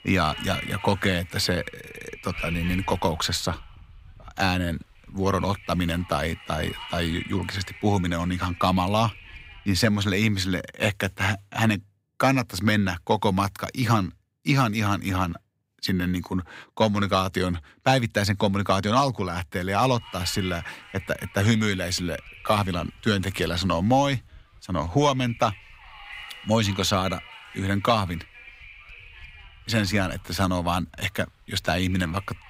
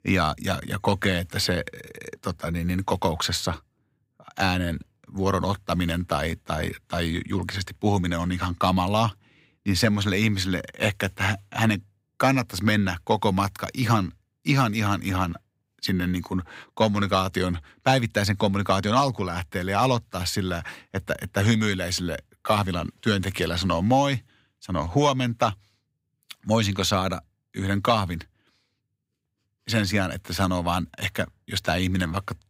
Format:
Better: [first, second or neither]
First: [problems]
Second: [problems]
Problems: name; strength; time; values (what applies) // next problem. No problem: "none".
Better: second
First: wind noise on the microphone; occasional gusts; until 9.5 s and from 20 s on; 15 dB below the speech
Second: none